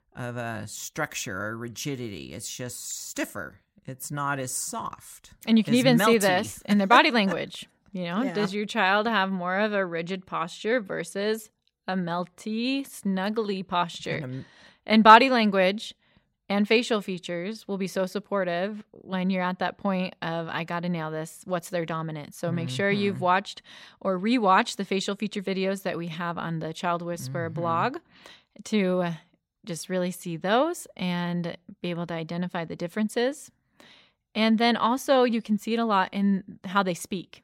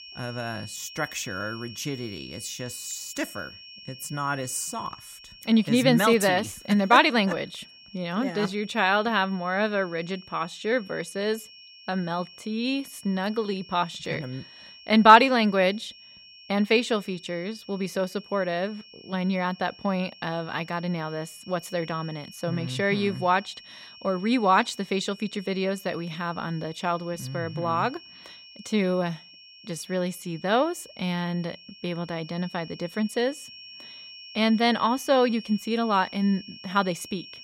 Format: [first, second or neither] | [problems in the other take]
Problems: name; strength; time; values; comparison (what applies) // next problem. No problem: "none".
first | high-pitched whine; noticeable; throughout; 5.5 kHz, 20 dB below the speech